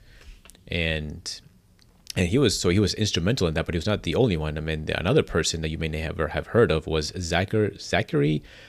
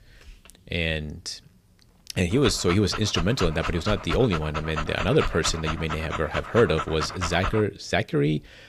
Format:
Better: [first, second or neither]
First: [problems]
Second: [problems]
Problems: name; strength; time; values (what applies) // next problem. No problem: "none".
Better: first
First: none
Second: dog barking; noticeable; from 2.5 to 7.5 s; peak 5 dB below the speech